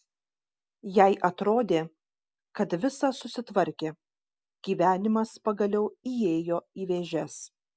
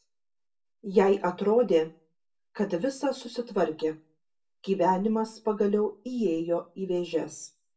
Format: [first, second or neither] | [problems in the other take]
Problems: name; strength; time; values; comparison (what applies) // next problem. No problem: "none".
first | room echo; dies away in 0.2 s